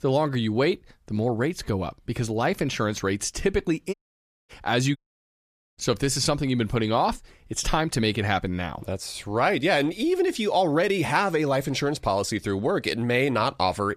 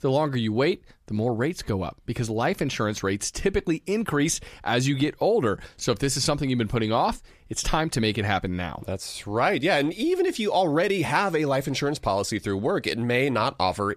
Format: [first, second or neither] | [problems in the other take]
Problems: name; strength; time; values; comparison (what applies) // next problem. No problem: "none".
second | audio cutting out; at 4 s for 0.5 s and at 5 s for 1 s